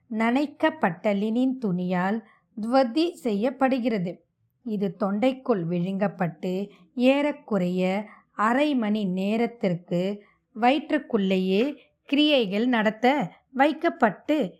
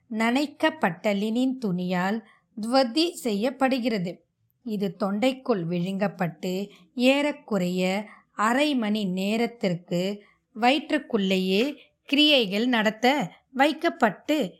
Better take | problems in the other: second | muffled; slightly; fading above 3 kHz

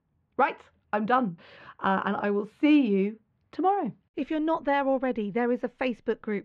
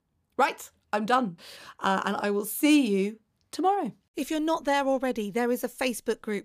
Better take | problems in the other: second | muffled; very; fading above 2.5 kHz

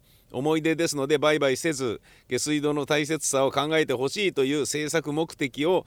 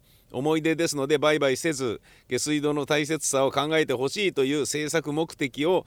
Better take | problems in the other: neither | none

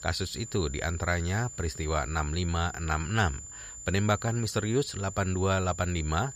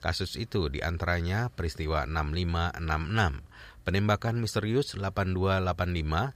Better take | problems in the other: second | high-pitched whine; noticeable; throughout; 7 kHz, 10 dB below the speech

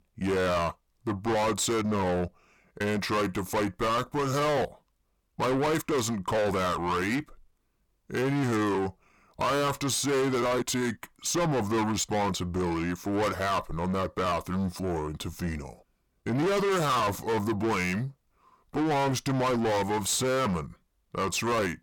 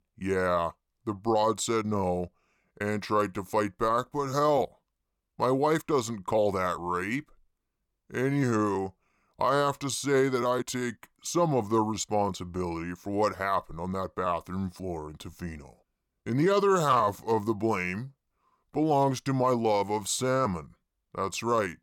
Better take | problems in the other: second | distortion; heavy; 6 dB below the speech

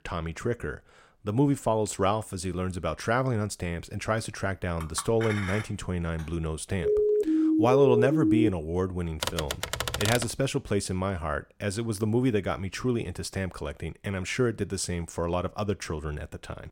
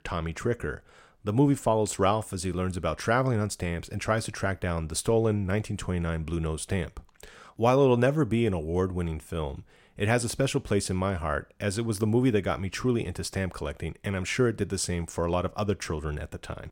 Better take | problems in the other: second | clattering dishes; noticeable; from 5 to 6 s; peak 5 dB below the speech // siren; loud; from 7 to 8.5 s; peak 5 dB above the speech // keyboard typing; loud; from 9 to 10 s; peak level with the speech

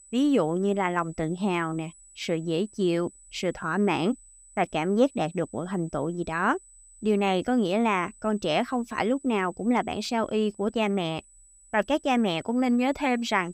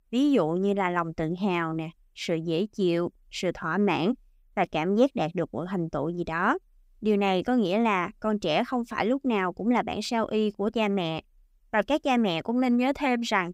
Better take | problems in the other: second | high-pitched whine; faint; throughout; 8 kHz, 25 dB below the speech

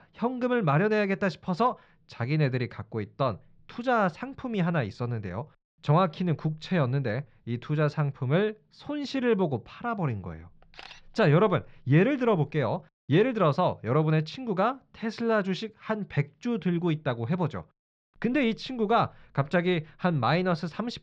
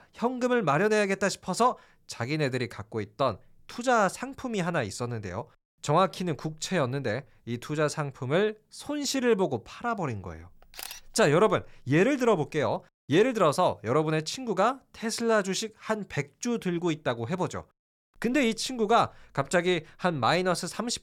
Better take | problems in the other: second | muffled; slightly; fading above 4 kHz

